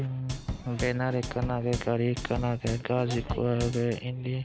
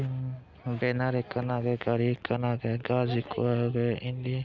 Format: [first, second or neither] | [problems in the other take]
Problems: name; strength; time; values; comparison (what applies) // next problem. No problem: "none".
second | background sound (Drum / Drum kit); 8 dB below the speech